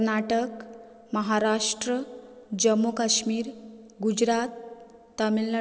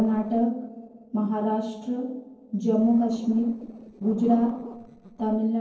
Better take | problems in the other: first | noise reduction (neural separator model SepFormer DNS4)

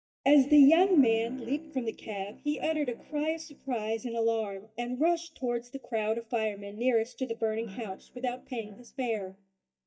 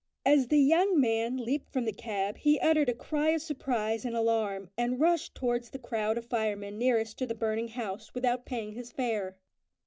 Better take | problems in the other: second | noise reduction (neural mask model DeepFilterNet 3)

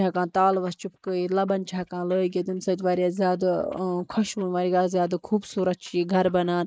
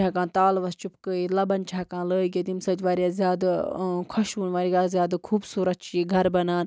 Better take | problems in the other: second | noise reduction (neural mask model Resemble Enhance denoiser)

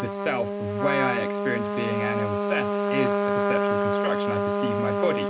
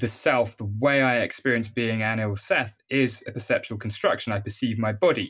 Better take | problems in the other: second | background sound (Trumpet); 4 dB above the speech

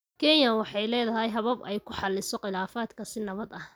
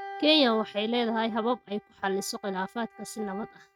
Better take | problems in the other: first | noise reduction (neural mask model RNNoise)

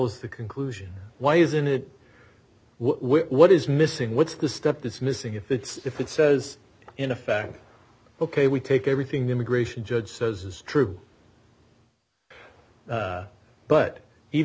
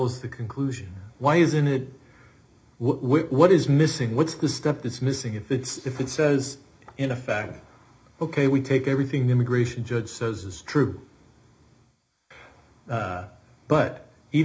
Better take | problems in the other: first | room echo; dies away in 0.4 s

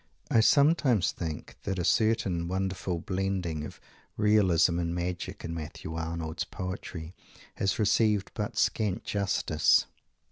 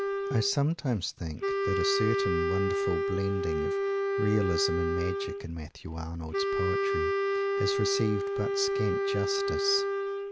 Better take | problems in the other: first | background sound (Wind instrument, woodwind instrument); 3 dB above the speech

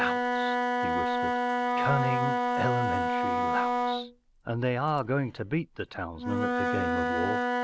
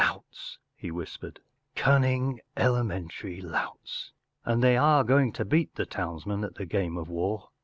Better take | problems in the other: second | background sound (Wind instrument, woodwind instrument); 4 dB above the speech

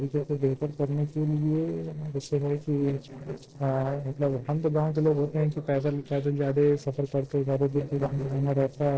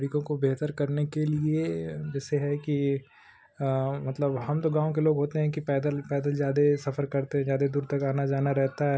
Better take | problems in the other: second | noise reduction (neural separator model SepFormer DNS4)

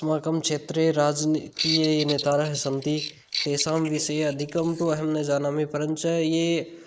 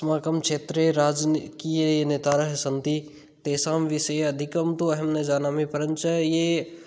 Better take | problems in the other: second | noise reduction (neural mask model Resemble Enhance denoiser)

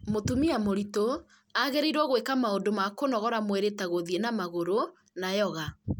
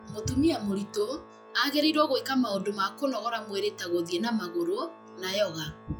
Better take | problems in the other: first | noise reduction (classical method log-MMSE)

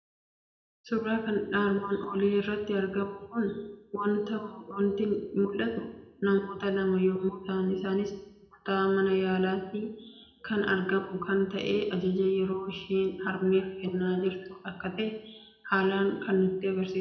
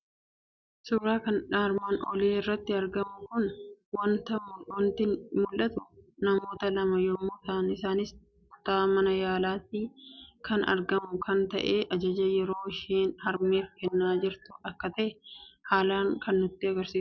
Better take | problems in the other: second | room echo; dies away in 0.8 s

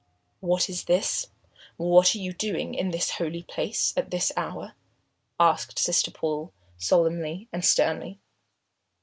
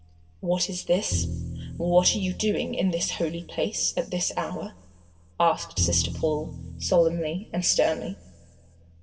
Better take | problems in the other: first | background sound (Bowed string instrument); 10 dB below the speech // room echo; dies away in 1.3 s

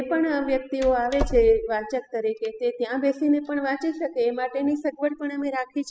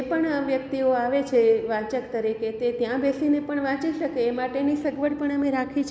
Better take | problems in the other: second | noise reduction (classical method spectral subtraction)

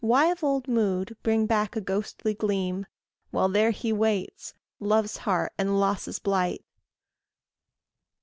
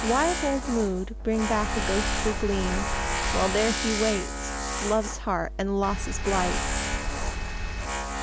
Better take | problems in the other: first | background sound (Tools + Engine); as loud as the speech

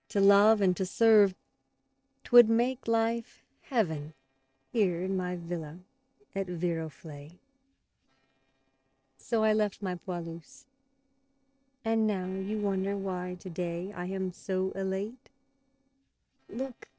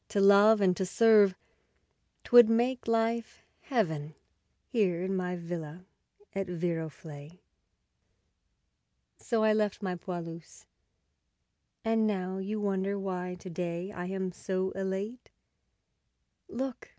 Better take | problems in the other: second | noise reduction (neural separator model SepFormer DNS4)

